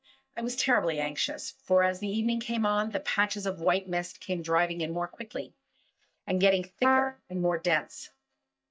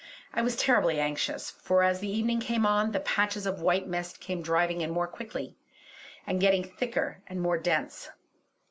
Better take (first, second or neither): second